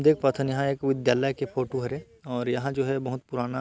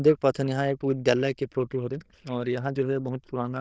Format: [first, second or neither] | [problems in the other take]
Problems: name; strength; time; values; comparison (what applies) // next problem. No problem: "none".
first | noise reduction (neural diffusion model UNIVERSE++)